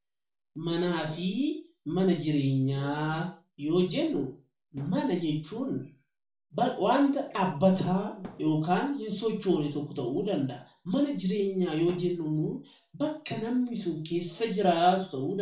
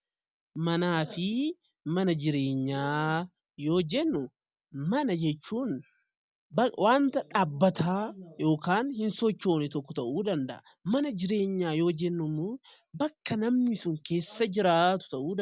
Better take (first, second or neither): second